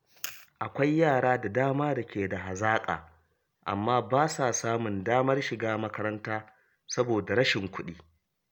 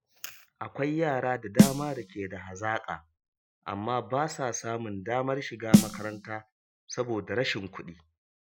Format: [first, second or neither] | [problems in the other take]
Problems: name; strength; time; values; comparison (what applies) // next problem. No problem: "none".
first | noise reduction (classical method Wiener filter)